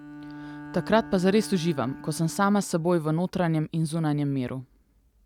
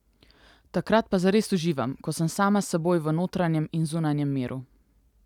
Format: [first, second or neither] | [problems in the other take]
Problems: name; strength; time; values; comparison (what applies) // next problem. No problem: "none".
second | background sound (Bowed string instrument); 18 dB below the speech